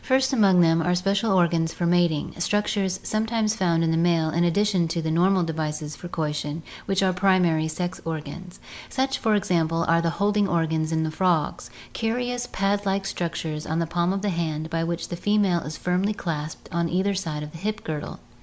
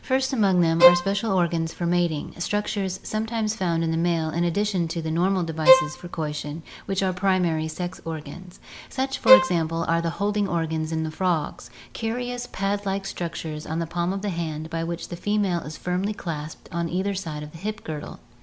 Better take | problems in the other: first | background sound (Bowed string instrument); 3 dB above the speech

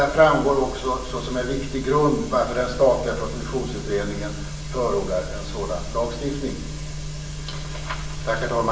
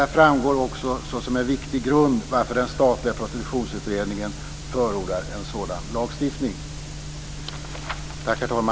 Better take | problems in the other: second | room echo; dies away in 0.7 s

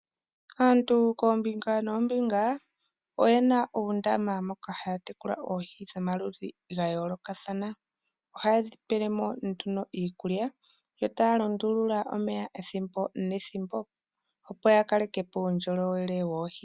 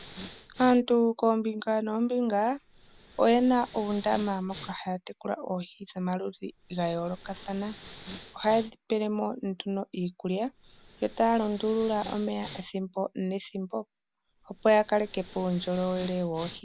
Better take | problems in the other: first | background sound (Respiratory sounds); 20 dB below the speech

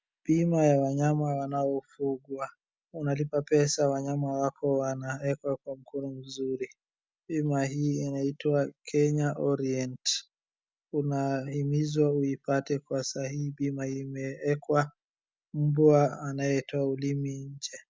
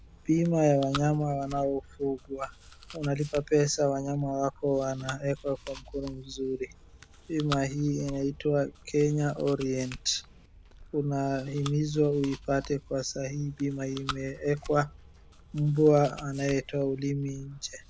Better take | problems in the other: first | background sound (Chewing, mastication); 17 dB below the speech

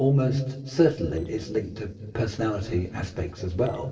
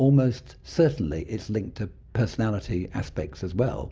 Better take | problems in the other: second | noise reduction (neural separator model SepFormer DNS4)

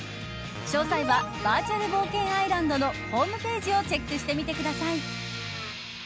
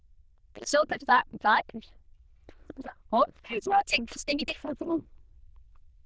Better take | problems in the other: first | noise reduction (neural diffusion model UNIVERSE++)

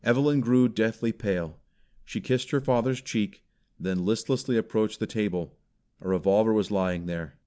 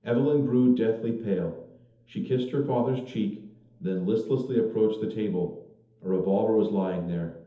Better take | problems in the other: first | room echo; dies away in 0.8 s

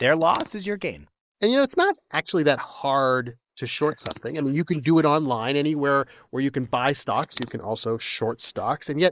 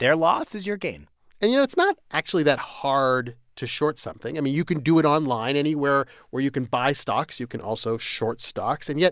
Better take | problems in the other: second | noise reduction (neural mask model Resemble Enhance denoiser)

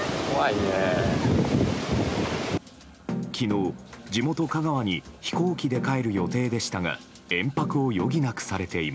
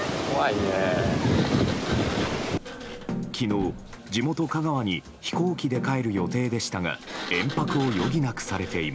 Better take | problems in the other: first | background sound (Sliding door); 13 dB below the speech

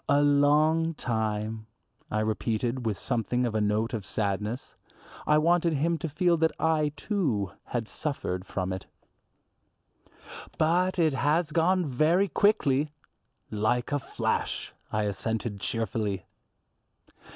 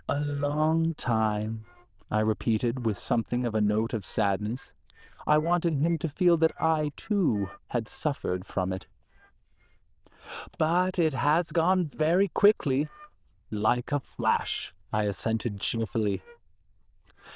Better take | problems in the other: first | noise reduction (neural diffusion model UNIVERSE++)

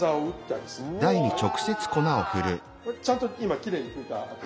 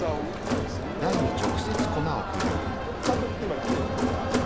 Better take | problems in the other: first | background sound (Crowd); 4 dB above the speech

